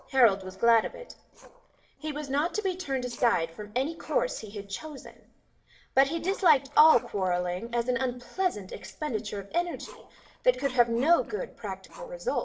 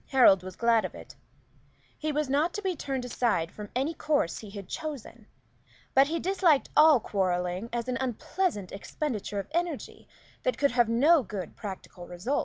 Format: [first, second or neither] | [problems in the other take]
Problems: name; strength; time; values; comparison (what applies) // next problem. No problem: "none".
second | noise reduction (neural separator model SepFormer DNS4)